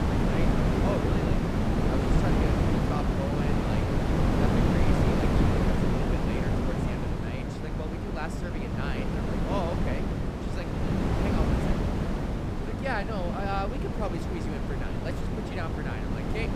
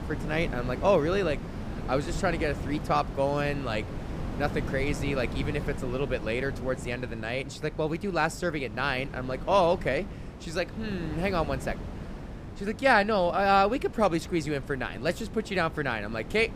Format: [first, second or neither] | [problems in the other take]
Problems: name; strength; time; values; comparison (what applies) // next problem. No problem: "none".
second | wind noise on the microphone; heavy; 4 dB above the speech; occasional gusts in the second